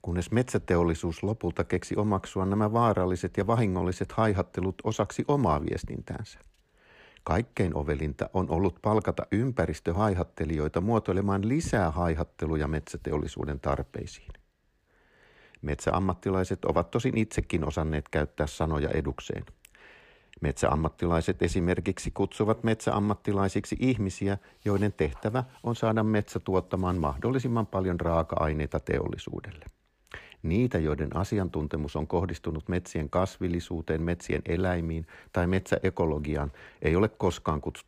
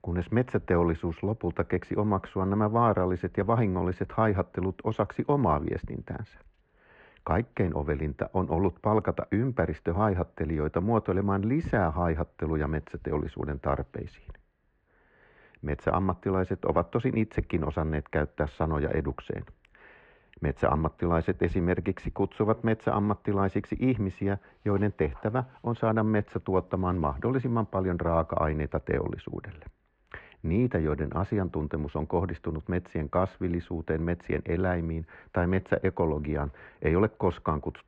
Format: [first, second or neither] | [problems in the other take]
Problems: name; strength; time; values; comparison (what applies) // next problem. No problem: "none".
first | muffled; very; fading above 2 kHz